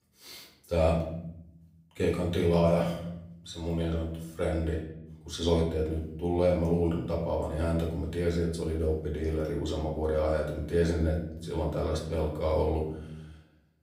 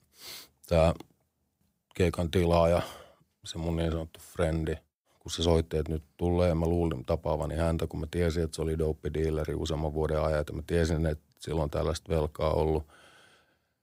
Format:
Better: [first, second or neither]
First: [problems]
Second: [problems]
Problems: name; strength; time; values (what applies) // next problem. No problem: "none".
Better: second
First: off-mic speech; far // room echo; noticeable; dies away in 0.8 s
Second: none